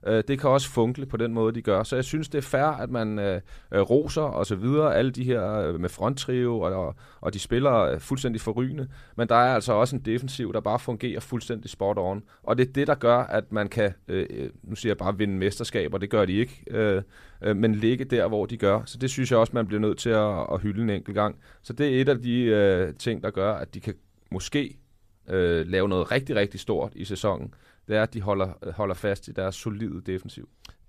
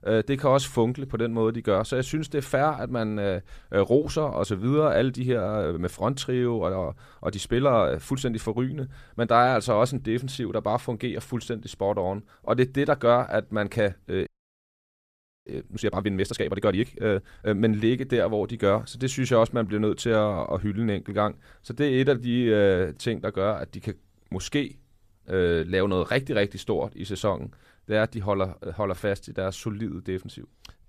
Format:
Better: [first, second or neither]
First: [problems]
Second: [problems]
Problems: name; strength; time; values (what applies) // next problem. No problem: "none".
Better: first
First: none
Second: audio freezing; at 14 s for 1 s